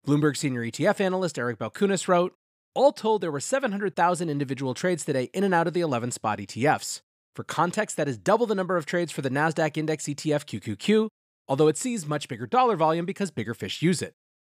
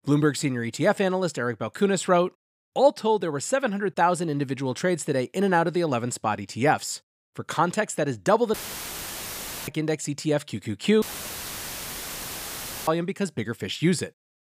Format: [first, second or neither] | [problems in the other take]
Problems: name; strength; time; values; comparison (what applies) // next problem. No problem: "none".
first | audio cutting out; filled with static; at 8.5 s for 1 s and at 11 s for 2 s